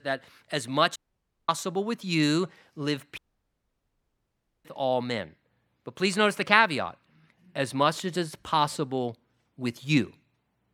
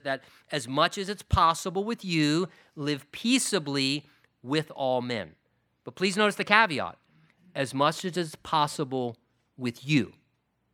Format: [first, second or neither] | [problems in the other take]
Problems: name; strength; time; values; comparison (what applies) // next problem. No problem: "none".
second | audio cutting out; at 1 s for 0.5 s and at 3 s for 1.5 s